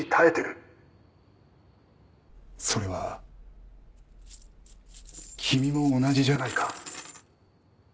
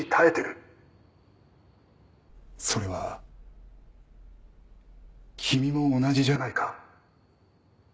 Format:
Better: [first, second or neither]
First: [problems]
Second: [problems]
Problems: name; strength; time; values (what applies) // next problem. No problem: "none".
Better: second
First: background sound (Coin (dropping)); 17 dB below the speech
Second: none